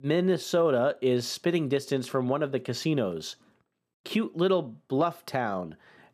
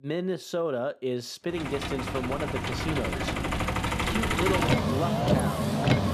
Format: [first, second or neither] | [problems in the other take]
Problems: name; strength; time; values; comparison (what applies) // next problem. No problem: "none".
first | traffic noise; very loud; from 1.5 s on; 5 dB above the speech